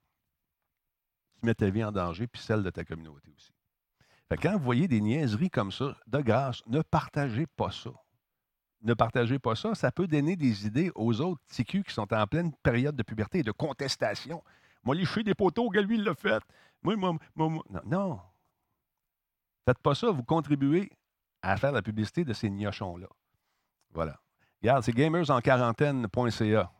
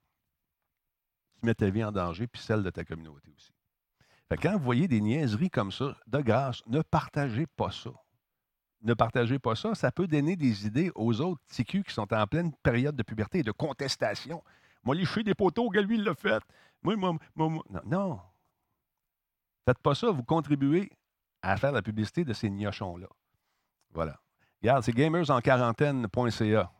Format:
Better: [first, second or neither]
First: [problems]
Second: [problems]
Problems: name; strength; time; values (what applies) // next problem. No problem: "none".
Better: neither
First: muffled; very slightly; fading above 4 kHz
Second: muffled; very slightly; fading above 4 kHz